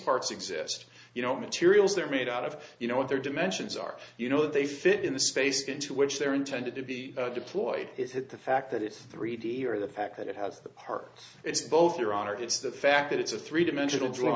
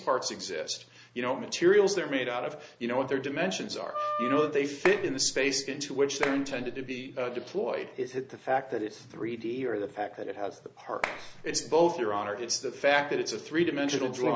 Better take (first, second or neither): first